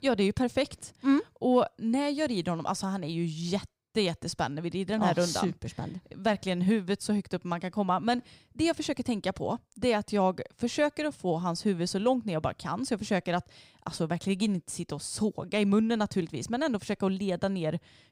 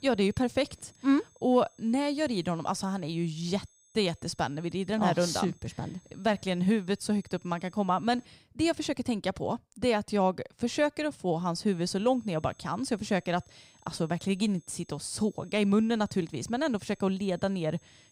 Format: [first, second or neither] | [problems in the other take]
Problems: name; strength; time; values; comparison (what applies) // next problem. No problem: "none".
first | high-pitched whine; faint; until 8.5 s and from 12 s on; 6.5 kHz, 30 dB below the speech